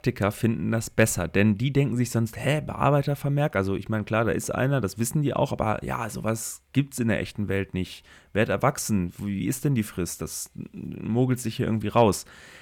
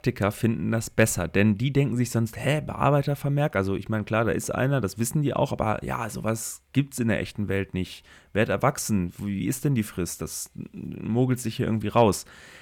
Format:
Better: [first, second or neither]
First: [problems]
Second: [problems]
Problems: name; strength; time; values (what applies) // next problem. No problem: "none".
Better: neither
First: none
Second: none